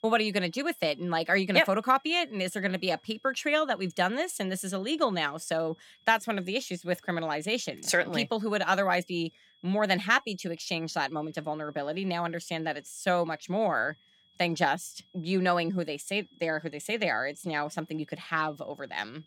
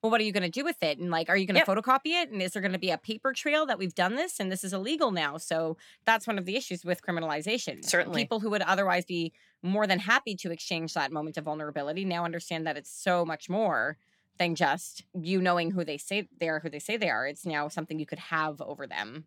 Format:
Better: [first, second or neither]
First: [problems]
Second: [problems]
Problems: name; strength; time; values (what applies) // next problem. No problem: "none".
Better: second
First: high-pitched whine; faint; throughout; 3.5 kHz, 30 dB below the speech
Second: none